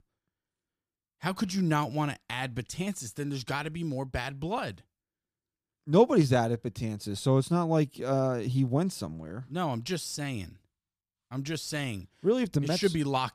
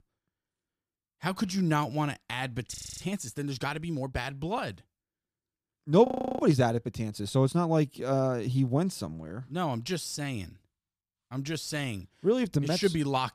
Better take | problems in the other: first | audio freezing; at 2.5 s and at 6 s

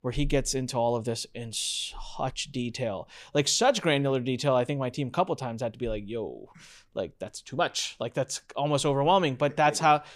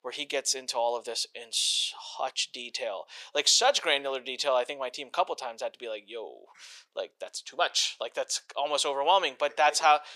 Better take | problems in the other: first | thin; very; fading below 550 Hz

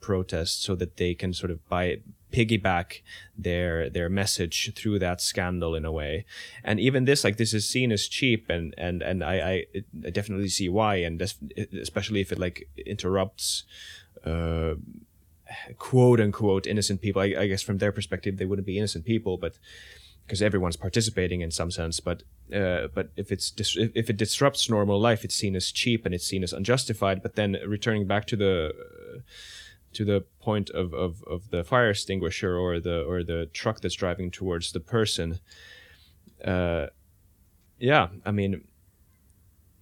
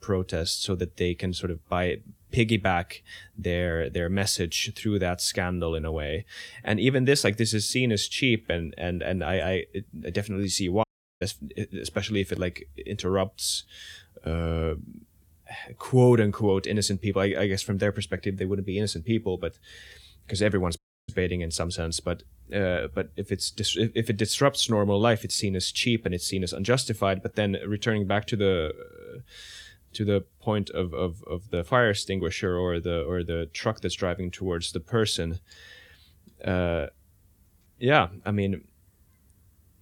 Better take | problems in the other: first | audio cutting out; at 11 s and at 21 s

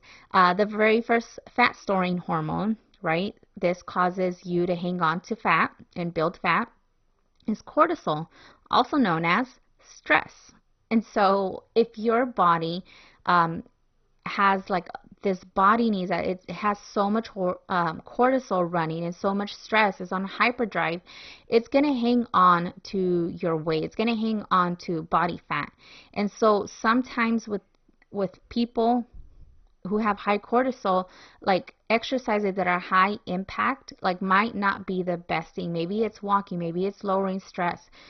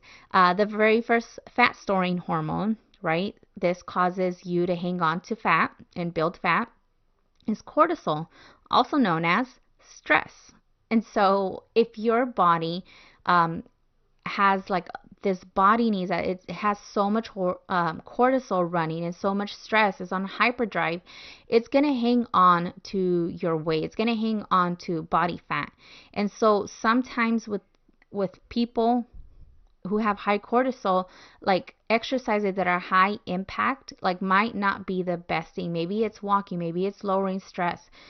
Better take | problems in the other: second | garbled, watery; badly; nothing above 6 kHz; slightly in the second

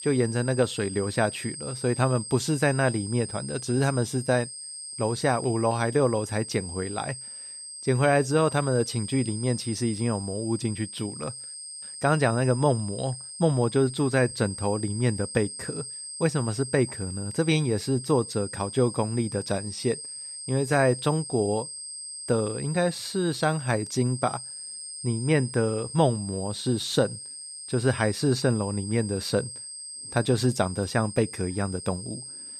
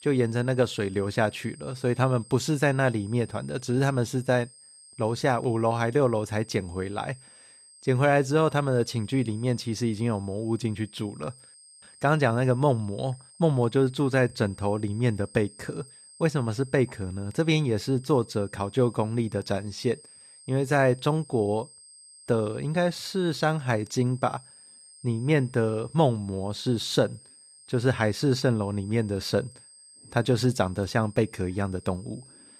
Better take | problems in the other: second | high-pitched whine; loud; throughout; 8.5 kHz, 10 dB below the speech; faint in the second

